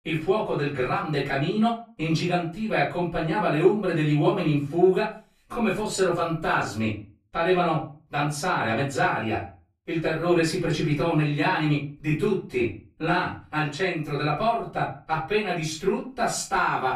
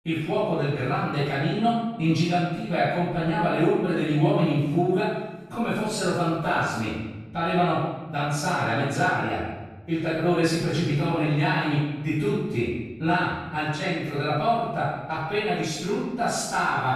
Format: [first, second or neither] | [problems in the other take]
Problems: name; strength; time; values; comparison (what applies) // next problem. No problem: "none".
first | room echo; strong; dies away in 1 s; slight in the first // off-mic speech; far; far in the first